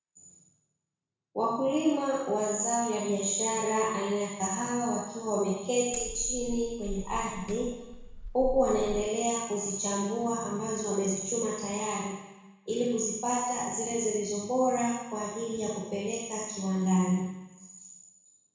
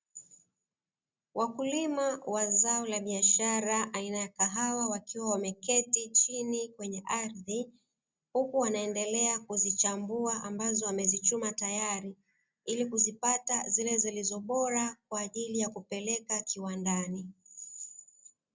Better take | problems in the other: second | background sound (Hammer); 9 dB below the speech // room echo; dies away in 1.1 s

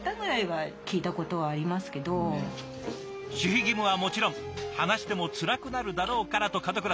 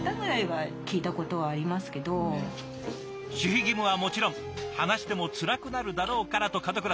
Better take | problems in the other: first | background sound (Acoustic guitar); 15 dB below the speech

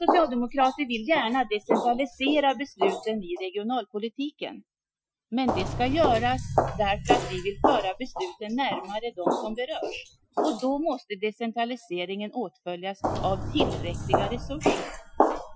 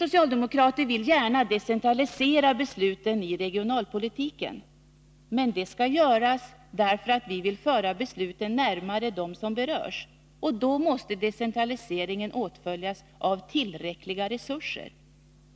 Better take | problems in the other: second | noise reduction (classical method Wiener filter)

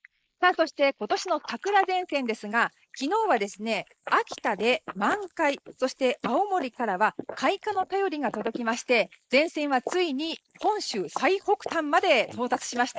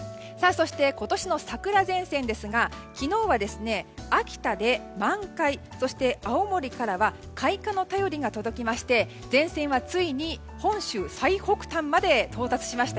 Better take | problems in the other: second | noise reduction (neural mask model Resemble Enhance denoiser)

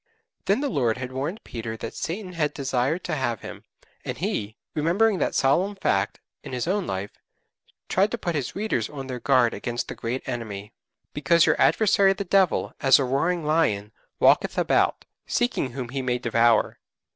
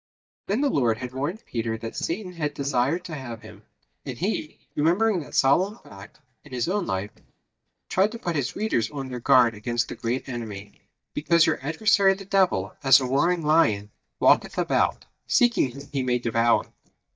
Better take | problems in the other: first | noise reduction (neural mask model DeepFilterNet 3)

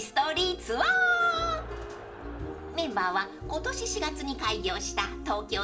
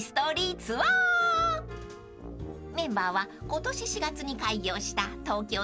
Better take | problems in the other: second | background sound (Crowd); 19 dB below the speech // room echo; dies away in 0.5 s

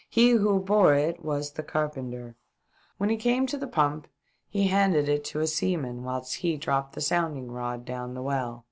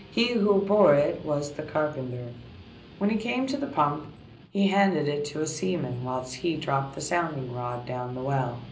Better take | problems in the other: first | background sound (Guitar); 20 dB below the speech // room echo; dies away in 0.5 s

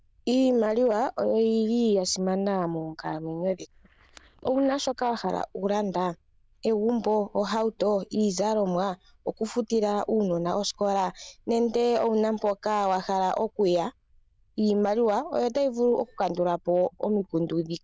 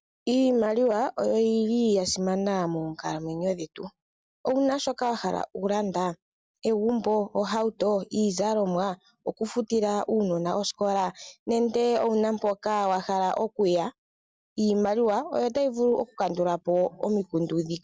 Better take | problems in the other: second | noise reduction (neural diffusion model UNIVERSE++)

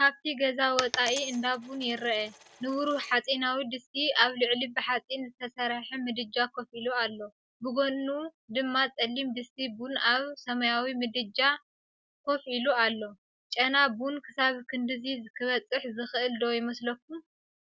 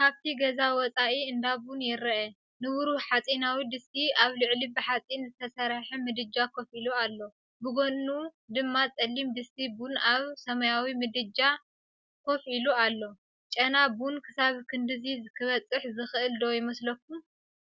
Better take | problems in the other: second | background sound (Coin (dropping)); 11 dB below the speech

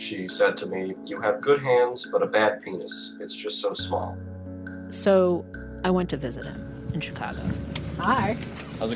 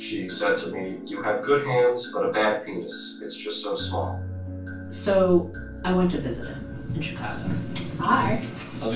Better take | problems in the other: first | room echo; dies away in 0.3 s

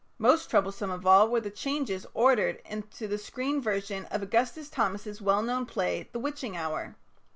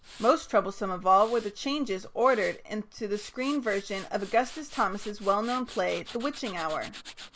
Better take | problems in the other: first | background sound (Tools); 19 dB below the speech

